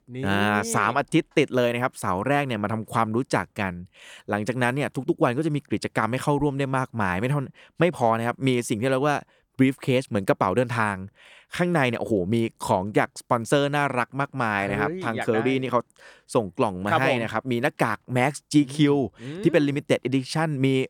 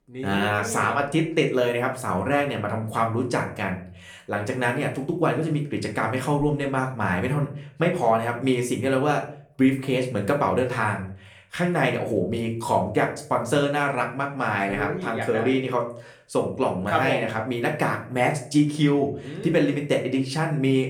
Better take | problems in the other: first | room echo; slight; dies away in 0.4 s // off-mic speech; somewhat distant

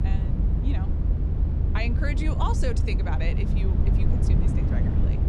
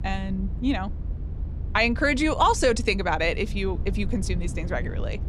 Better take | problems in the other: second | low rumble; loud; throughout; 3 dB below the speech; faint in the second

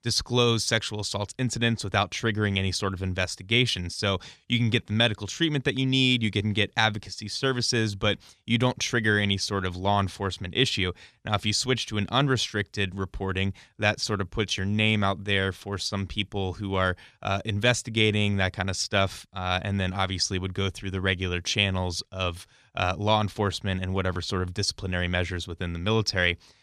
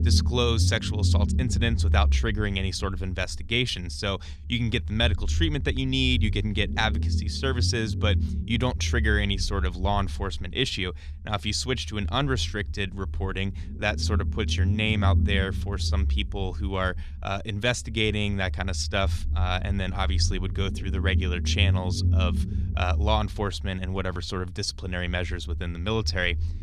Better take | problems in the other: first | low rumble; noticeable; throughout; 15 dB below the speech

